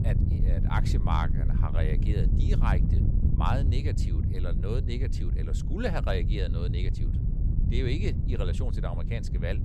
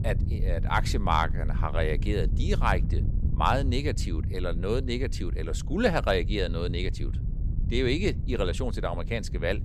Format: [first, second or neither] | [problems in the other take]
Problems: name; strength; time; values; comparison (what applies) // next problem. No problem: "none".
second | wind noise on the microphone; heavy; 5 dB below the speech; occasional gusts in the second